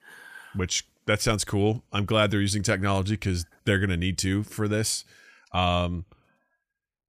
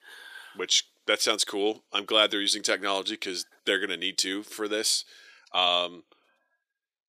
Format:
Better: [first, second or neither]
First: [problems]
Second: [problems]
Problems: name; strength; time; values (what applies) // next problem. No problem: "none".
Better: first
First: none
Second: thin; very; fading below 350 Hz